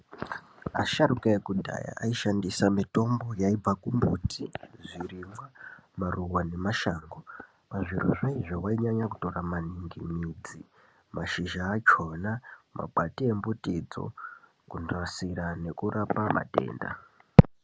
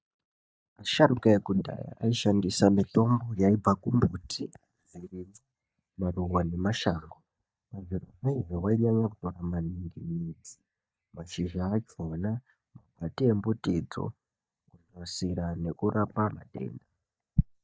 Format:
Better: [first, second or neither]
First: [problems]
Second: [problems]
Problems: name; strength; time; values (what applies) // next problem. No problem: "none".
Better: first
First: none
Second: noise reduction (neural mask model DeepFilterNet 3)